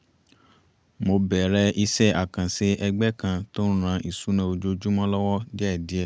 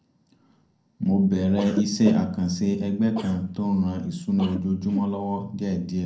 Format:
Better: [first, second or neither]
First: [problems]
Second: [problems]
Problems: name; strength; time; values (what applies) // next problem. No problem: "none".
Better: first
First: none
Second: background sound (Cough); 15 dB below the speech // room echo; dies away in 0.5 s